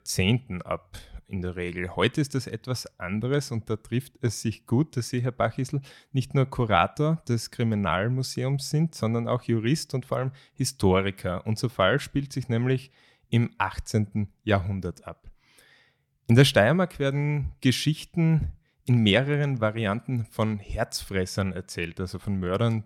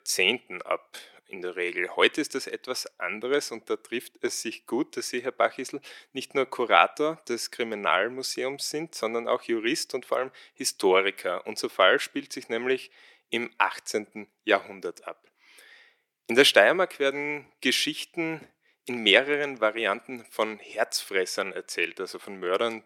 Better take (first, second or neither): first